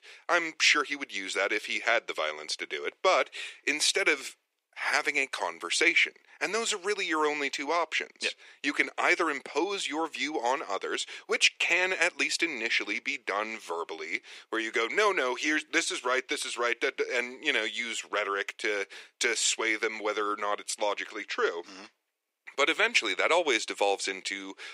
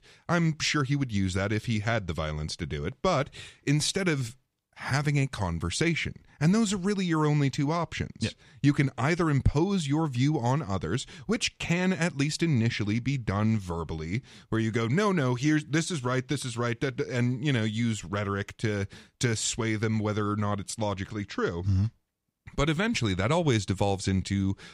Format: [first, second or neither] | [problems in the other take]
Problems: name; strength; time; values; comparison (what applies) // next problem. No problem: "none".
second | thin; very; fading below 400 Hz